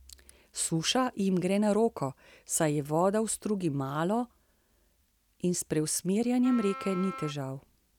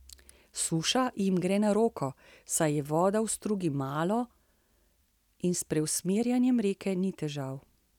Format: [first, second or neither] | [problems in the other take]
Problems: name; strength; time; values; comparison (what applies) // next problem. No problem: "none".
second | background sound (Wind instrument, woodwind instrument); 12 dB below the speech